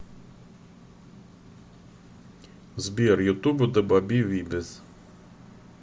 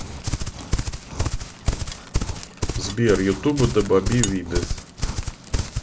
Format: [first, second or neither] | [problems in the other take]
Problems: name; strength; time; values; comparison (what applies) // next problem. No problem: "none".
first | background sound (Livestock, farm animals, working animals); 1 dB below the speech